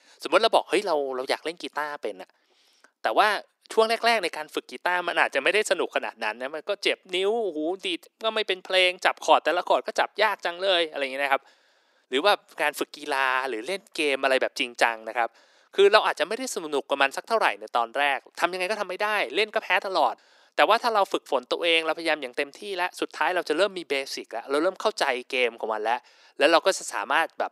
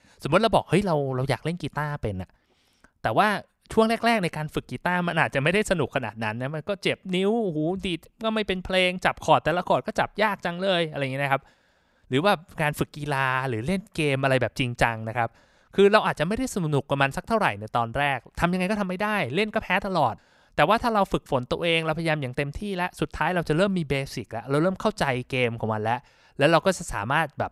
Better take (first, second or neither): second